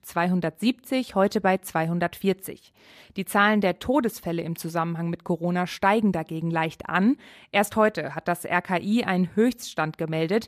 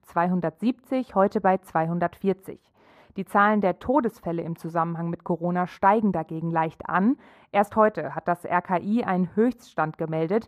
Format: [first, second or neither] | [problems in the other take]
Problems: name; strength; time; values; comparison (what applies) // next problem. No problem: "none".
first | muffled; very; fading above 2 kHz